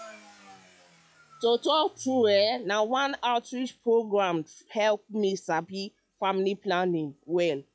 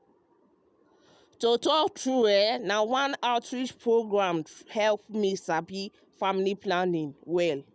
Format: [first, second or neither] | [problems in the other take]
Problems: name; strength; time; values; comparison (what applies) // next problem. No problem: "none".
second | noise reduction (classical method log-MMSE)